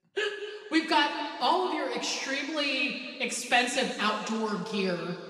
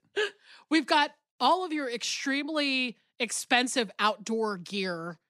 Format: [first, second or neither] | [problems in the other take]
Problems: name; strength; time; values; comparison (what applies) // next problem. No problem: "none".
second | room echo; noticeable; dies away in 2.1 s // off-mic speech; somewhat distant